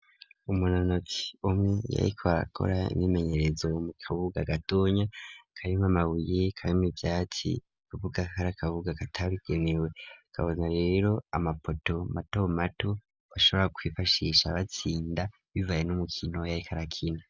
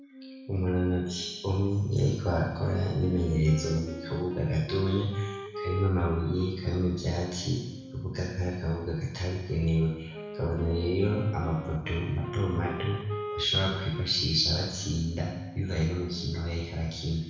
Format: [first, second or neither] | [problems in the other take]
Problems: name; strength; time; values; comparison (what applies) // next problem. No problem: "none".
first | background sound (Wind instrument, woodwind instrument); 14 dB below the speech // room echo; dies away in 1 s